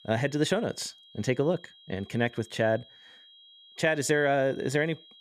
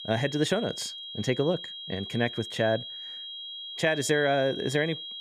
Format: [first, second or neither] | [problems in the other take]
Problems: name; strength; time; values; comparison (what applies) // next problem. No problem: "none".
first | high-pitched whine; loud; throughout; 3.5 kHz, 9 dB below the speech; faint in the first